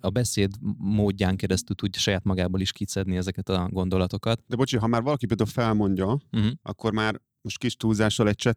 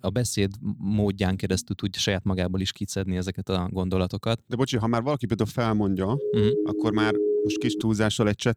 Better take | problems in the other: first | siren; loud; from 6 to 8 s; peak 2 dB above the speech

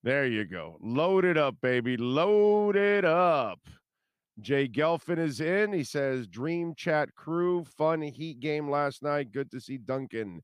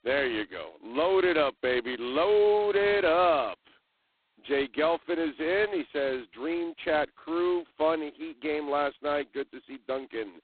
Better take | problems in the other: first | phone-call audio; poor line; nothing above 4 kHz

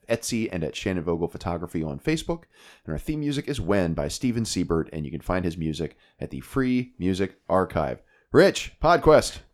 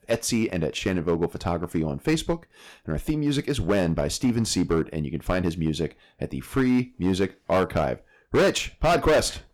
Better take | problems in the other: first | distortion; heavy; 6% of the sound clipped

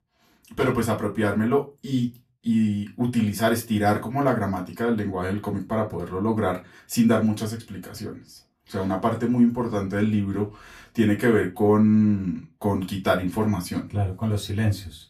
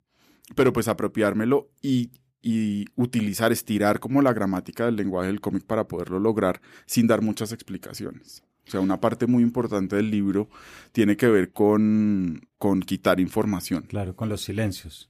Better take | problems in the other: second | off-mic speech; far // room echo; very slight; dies away in 0.2 s

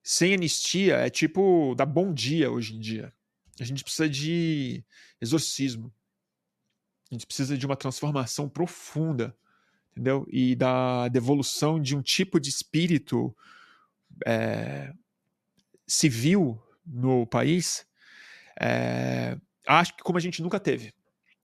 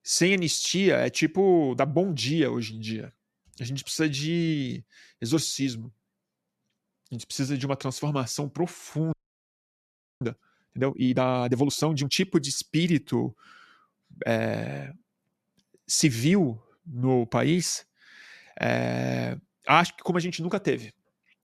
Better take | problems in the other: first | audio freezing; at 9 s for 1 s

